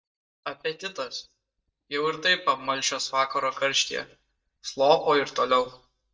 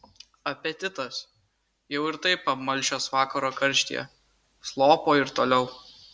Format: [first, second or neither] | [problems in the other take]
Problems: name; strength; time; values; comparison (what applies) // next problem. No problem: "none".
second | noise reduction (neural mask model DeepFilterNet 3)